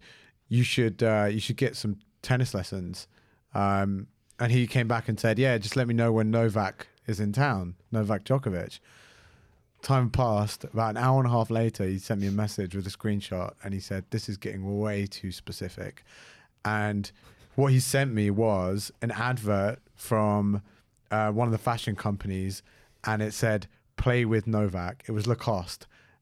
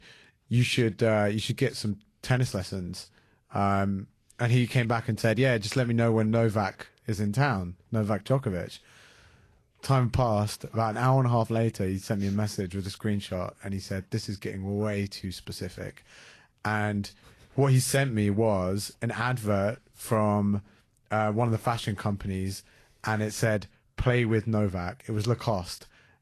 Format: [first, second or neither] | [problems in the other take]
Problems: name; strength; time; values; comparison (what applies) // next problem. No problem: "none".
first | garbled, watery; slightly; nothing above 12 kHz